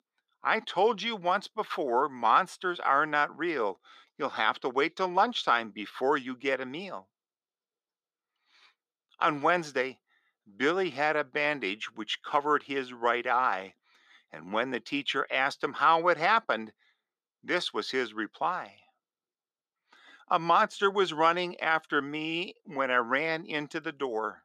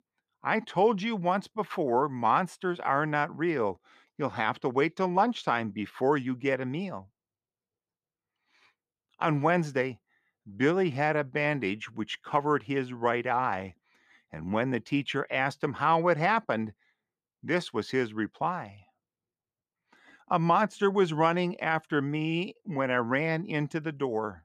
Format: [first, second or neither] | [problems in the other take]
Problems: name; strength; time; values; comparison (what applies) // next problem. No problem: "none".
second | thin; somewhat; fading below 300 Hz